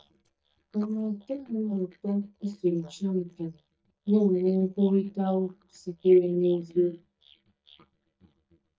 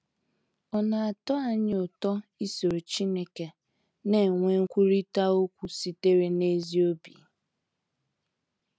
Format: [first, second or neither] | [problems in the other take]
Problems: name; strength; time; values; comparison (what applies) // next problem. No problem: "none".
second | noise reduction (neural mask model DeepFilterNet 3)